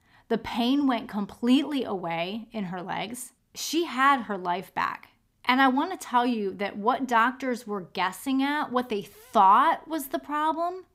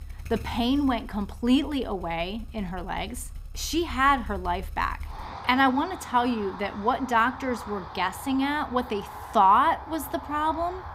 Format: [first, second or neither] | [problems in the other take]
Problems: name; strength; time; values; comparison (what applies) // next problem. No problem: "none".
first | traffic noise; noticeable; throughout; 15 dB below the speech